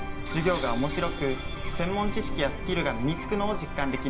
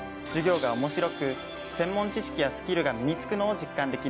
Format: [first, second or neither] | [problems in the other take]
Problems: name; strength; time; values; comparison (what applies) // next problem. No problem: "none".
second | background sound (Bird); 4 dB below the speech // room echo; dies away in 0.5 s